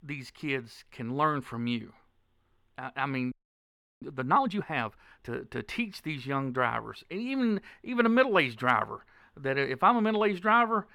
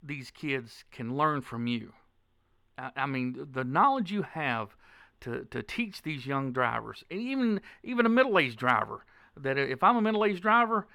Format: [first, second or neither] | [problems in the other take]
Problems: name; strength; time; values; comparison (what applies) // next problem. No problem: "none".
second | audio freezing; at 3.5 s for 0.5 s